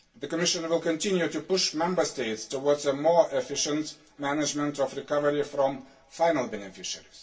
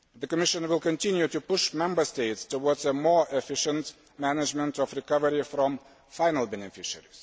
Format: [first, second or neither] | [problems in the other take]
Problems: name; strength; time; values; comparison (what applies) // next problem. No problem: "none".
second | room echo; dies away in 0.2 s